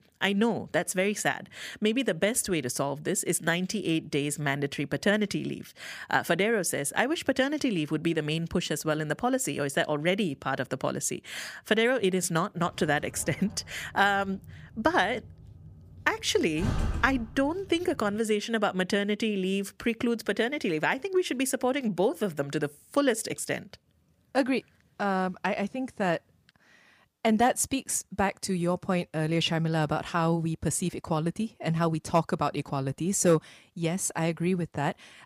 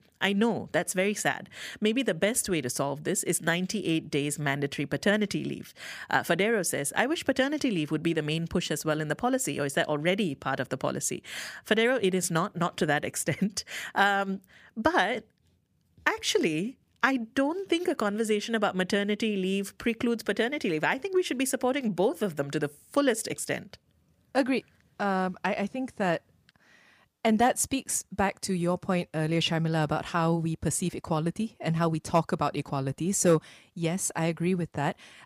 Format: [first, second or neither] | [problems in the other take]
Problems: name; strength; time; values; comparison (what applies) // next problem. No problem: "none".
second | door banging; noticeable; from 13 to 18 s; peak 3 dB below the speech